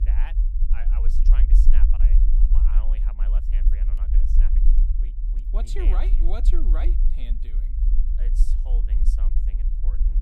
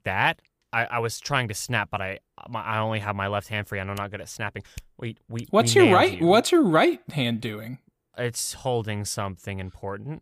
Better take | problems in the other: second | low rumble; loud; throughout; 4 dB below the speech

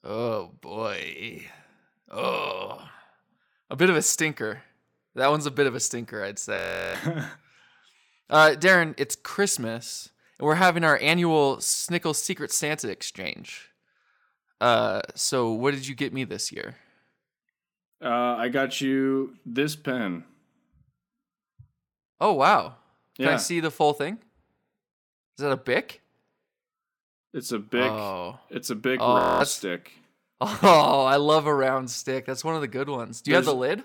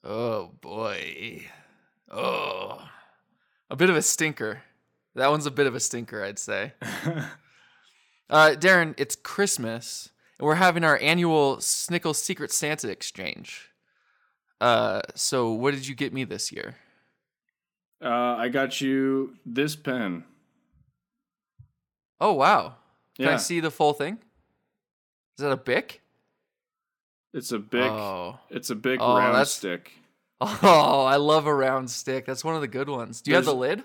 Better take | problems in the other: second | audio freezing; at 6.5 s and at 29 s

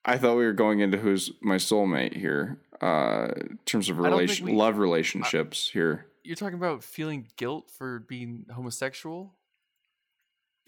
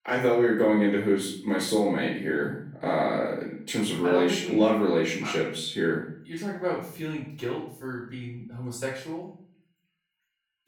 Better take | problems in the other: first | room echo; noticeable; dies away in 0.5 s // off-mic speech; far

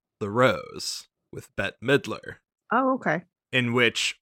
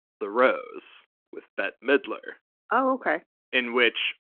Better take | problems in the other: first | phone-call audio; nothing above 3.5 kHz

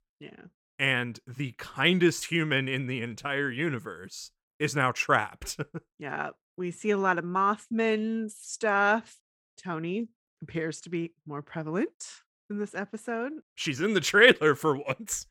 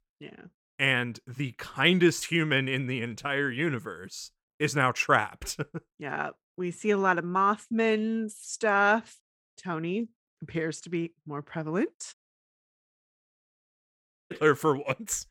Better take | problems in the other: first | audio cutting out; at 12 s for 2 s

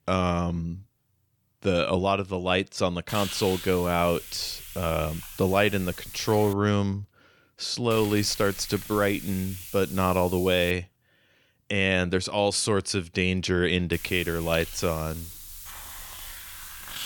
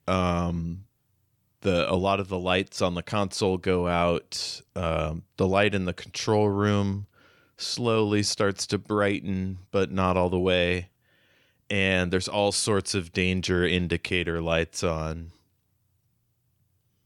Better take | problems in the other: second | hiss; noticeable; from 3 to 6.5 s, from 8 to 11 s and from 14 s on; 10 dB below the speech

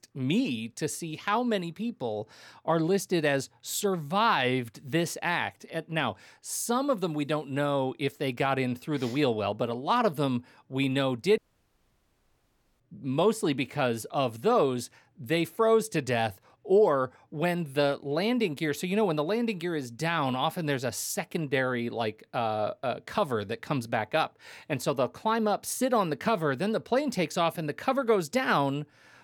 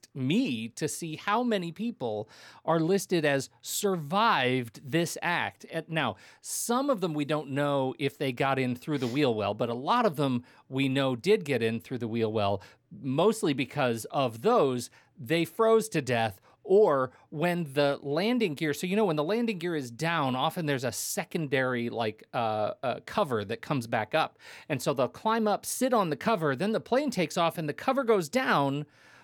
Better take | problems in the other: second | audio cutting out; at 11 s for 1.5 s

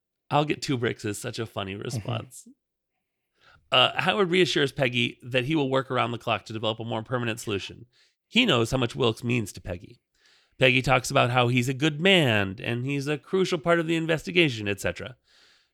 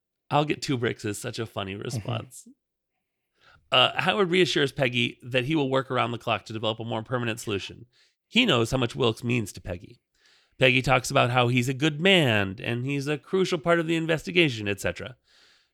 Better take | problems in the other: neither | none

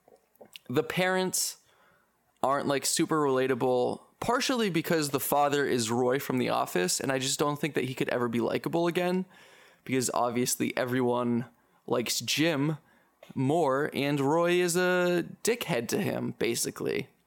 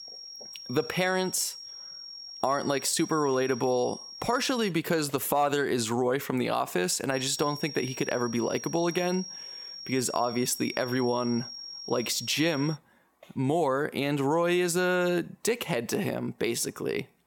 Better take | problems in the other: first | high-pitched whine; noticeable; until 4.5 s and from 7 to 13 s; 5.5 kHz, 10 dB below the speech

